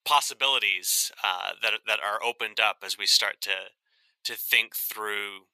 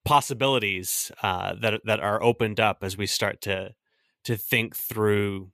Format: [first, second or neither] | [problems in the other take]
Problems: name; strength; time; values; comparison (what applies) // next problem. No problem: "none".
second | thin; very; fading below 1 kHz